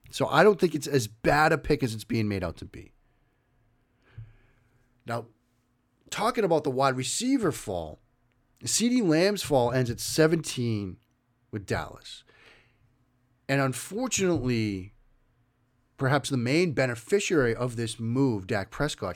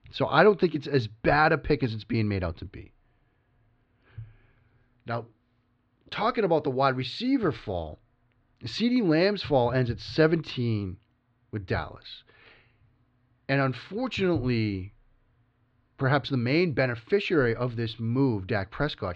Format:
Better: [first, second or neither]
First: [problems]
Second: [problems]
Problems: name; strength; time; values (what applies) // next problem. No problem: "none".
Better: first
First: none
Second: muffled; very slightly; fading above 4 kHz